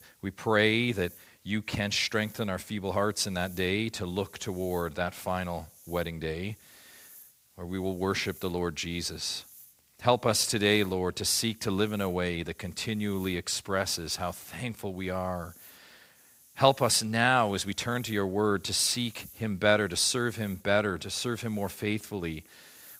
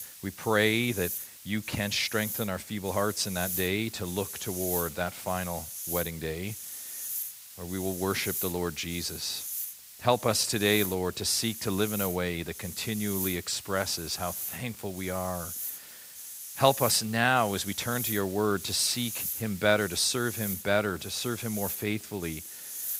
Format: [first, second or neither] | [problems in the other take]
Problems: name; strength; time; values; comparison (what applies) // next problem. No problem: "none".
first | hiss; loud; throughout; 7 dB below the speech; faint in the first